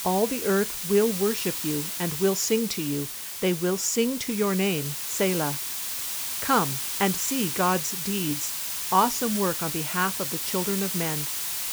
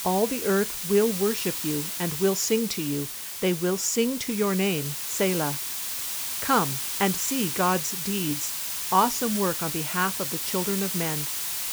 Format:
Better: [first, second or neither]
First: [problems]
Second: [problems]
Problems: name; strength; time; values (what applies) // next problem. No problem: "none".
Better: neither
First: hiss; loud; throughout; 2 dB below the speech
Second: hiss; loud; throughout; 2 dB below the speech